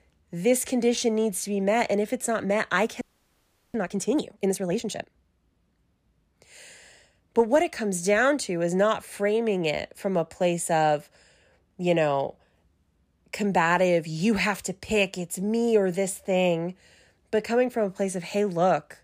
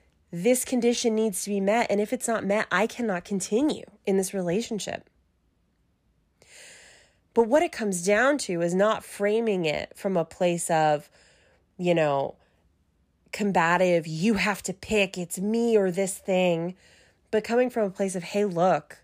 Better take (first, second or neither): second